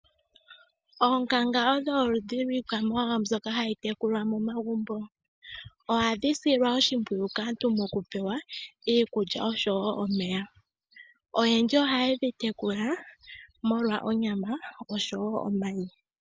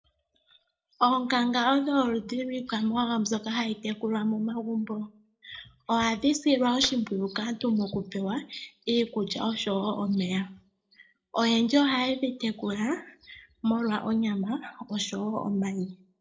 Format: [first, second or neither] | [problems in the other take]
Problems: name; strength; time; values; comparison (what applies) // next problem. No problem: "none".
first | noise reduction (neural separator model SepFormer DNS4)